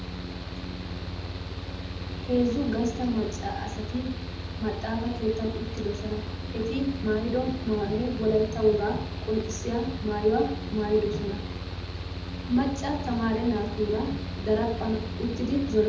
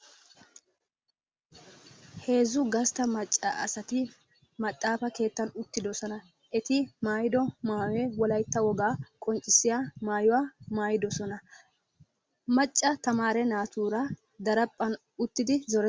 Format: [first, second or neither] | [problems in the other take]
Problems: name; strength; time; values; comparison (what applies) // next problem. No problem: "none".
second | background sound (Mechanical fan); 5 dB below the speech // room echo; dies away in 0.8 s